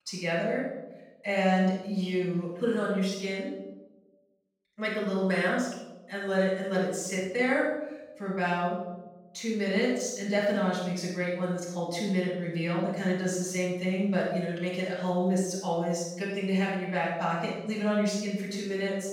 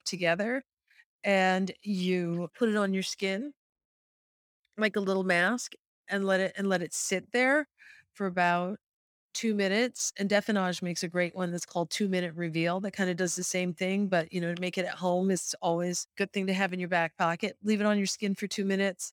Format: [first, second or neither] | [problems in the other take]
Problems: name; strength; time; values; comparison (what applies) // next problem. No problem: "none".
second | off-mic speech; far // room echo; noticeable; dies away in 1 s